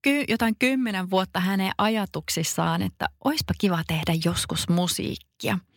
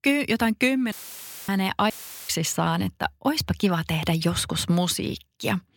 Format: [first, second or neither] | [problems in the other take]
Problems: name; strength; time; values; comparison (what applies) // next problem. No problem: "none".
first | audio cutting out; filled with static; at 1 s for 0.5 s and at 2 s